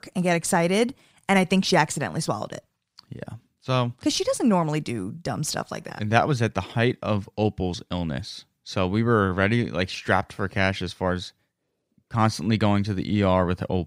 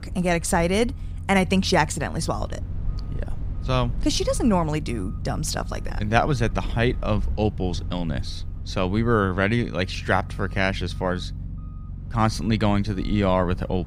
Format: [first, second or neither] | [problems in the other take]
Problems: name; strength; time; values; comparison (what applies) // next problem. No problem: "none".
first | low rumble; faint; throughout; 20 dB below the speech